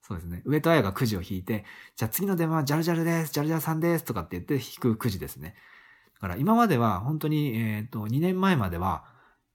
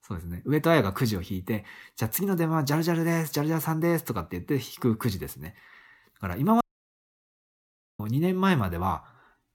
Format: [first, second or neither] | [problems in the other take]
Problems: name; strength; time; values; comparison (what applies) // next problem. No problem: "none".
first | audio cutting out; at 6.5 s for 1.5 s